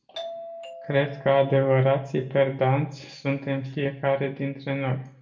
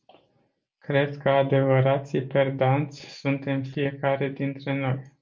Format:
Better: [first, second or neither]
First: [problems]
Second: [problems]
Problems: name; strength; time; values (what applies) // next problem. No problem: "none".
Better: second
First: background sound (Doorbell); 16 dB below the speech // room echo; dies away in 0.7 s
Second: none